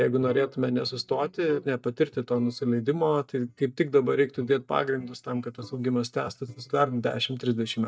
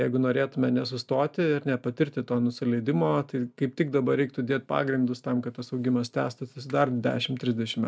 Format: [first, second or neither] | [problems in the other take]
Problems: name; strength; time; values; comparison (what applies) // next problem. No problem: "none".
second | noise reduction (neural mask model DeepFilterNet 3)